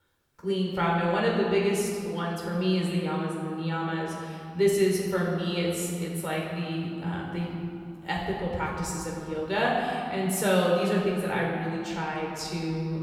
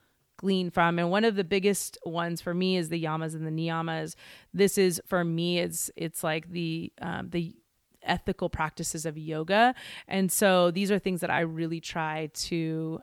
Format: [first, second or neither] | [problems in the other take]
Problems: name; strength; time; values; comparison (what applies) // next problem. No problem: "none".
second | off-mic speech; far // room echo; noticeable; dies away in 2.3 s